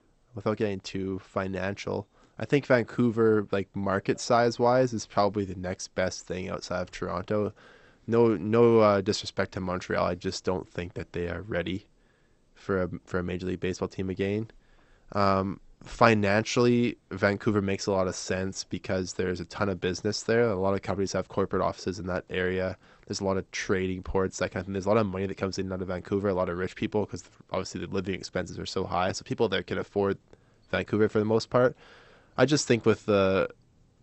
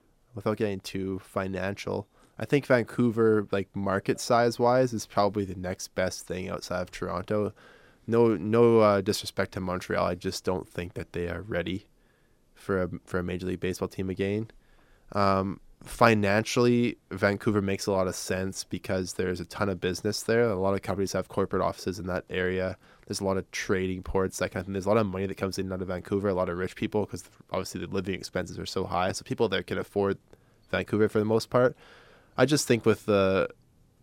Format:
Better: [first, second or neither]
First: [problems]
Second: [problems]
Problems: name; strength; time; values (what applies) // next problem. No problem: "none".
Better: second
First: garbled, watery; slightly; nothing above 8 kHz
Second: none